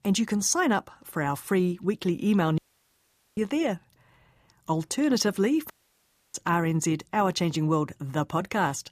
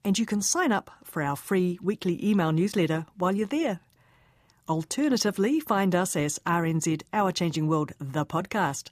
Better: second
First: audio cutting out; at 2.5 s for 1 s and at 5.5 s for 0.5 s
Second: none

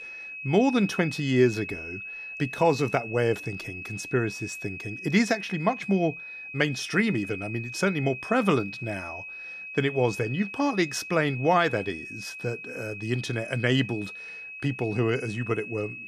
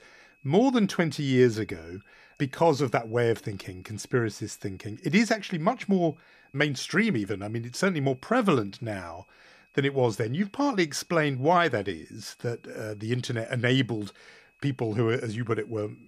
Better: second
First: high-pitched whine; loud; throughout; 2.5 kHz, 10 dB below the speech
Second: high-pitched whine; faint; throughout; 2.5 kHz, 35 dB below the speech

